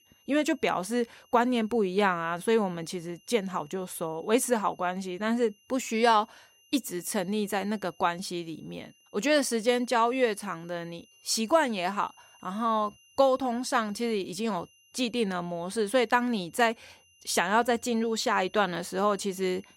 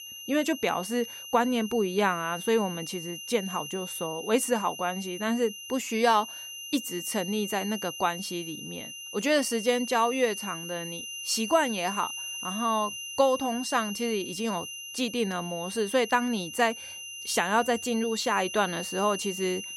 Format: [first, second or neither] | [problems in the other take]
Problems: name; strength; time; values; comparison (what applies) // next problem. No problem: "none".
first | high-pitched whine; loud; throughout; 3 kHz, 8 dB below the speech; faint in the first